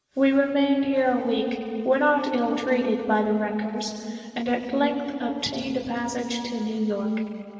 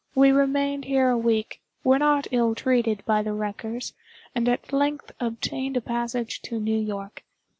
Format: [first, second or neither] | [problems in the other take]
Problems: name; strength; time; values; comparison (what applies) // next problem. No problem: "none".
second | room echo; dies away in 2.6 s